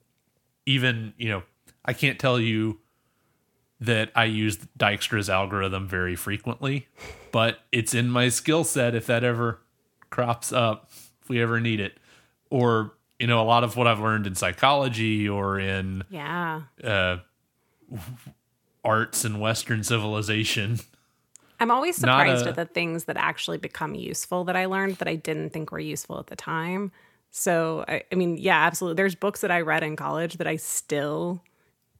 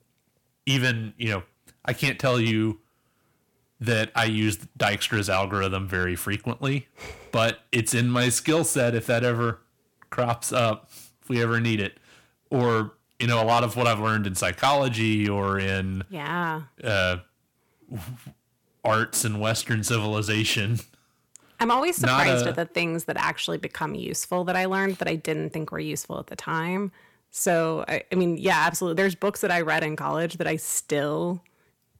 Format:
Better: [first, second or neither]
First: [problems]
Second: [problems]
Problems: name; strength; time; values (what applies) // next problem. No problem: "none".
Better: first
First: none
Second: distortion; slight; 2% of the sound clipped